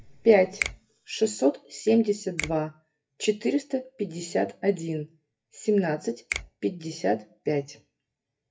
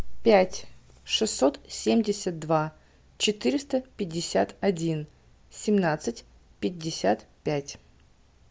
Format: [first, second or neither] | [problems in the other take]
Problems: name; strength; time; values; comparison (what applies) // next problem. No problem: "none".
second | noise reduction (classical method WPE with log-MMSE)